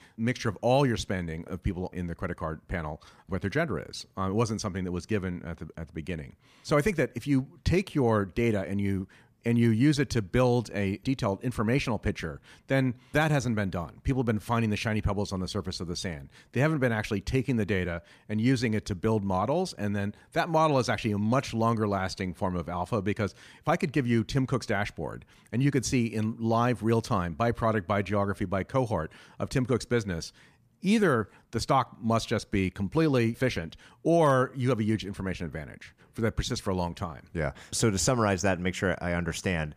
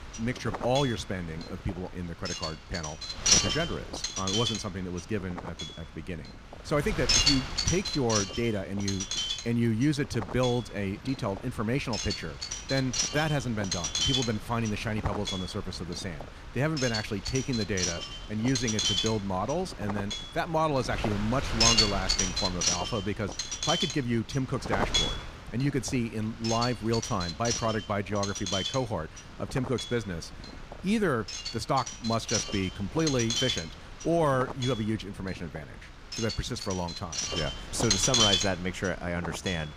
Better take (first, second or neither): first